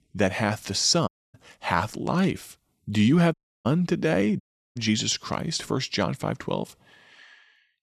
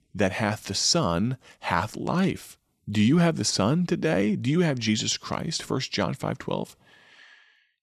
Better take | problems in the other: second | audio cutting out; at 1 s, at 3.5 s and at 4.5 s

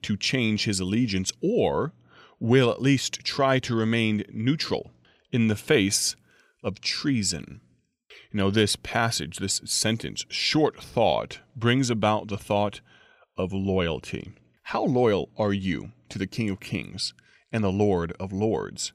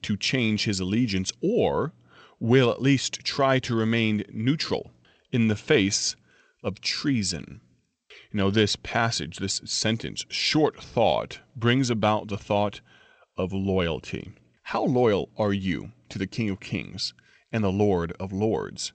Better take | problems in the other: first | garbled, watery; slightly; nothing above 8 kHz

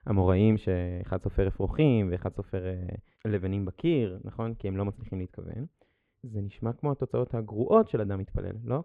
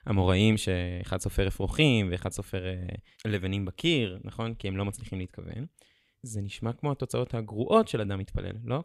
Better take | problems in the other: second | muffled; very; fading above 3.5 kHz

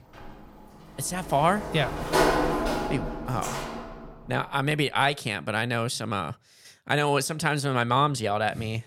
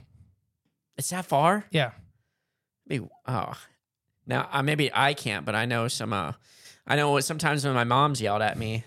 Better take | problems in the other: second | door banging; loud; from 1.5 to 4 s; peak 5 dB above the speech

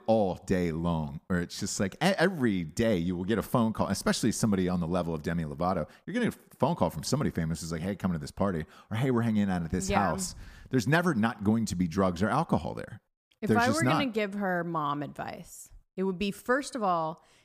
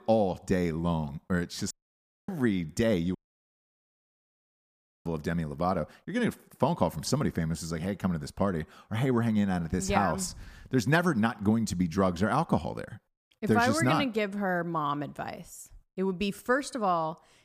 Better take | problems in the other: first | audio cutting out; at 1.5 s for 0.5 s and at 3 s for 2 s

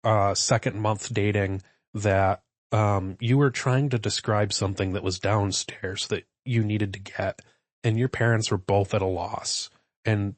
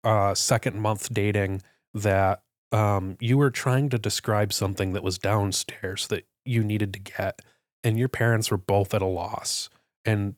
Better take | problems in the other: second | garbled, watery; slightly; nothing above 8 kHz

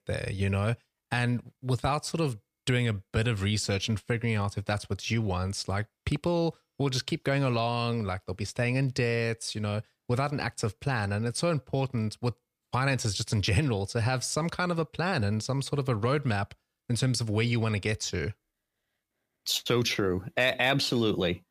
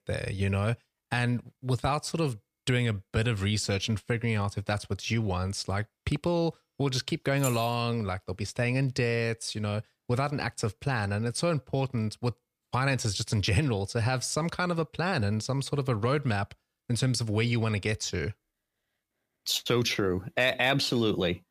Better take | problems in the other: first | jangling keys; noticeable; at 7.5 s; peak 8 dB below the speech

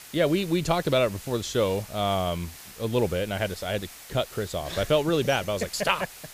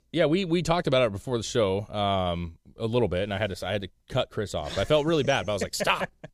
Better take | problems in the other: second | hiss; noticeable; throughout; 15 dB below the speech

